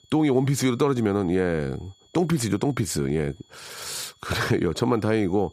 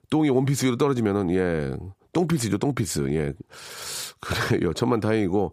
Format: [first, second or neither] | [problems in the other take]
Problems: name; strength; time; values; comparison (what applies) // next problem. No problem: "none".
second | high-pitched whine; faint; throughout; 3.5 kHz, 35 dB below the speech